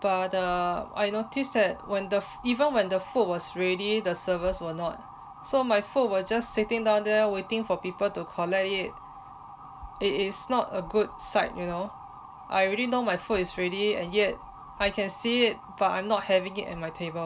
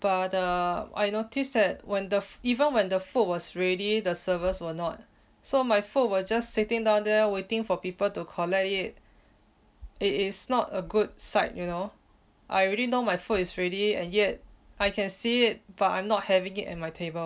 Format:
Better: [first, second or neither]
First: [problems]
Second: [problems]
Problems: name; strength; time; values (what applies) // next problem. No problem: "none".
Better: second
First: background sound (Motor vehicle (road) / Siren); 17 dB below the speech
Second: none